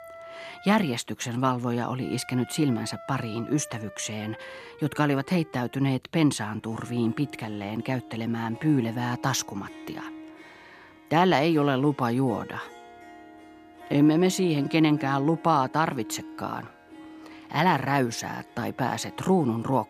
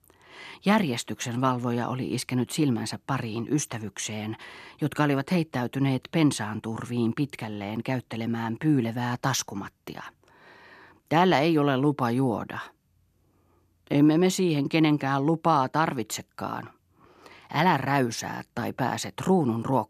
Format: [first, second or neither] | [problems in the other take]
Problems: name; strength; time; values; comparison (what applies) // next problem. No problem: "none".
second | background music; noticeable; throughout; 20 dB below the speech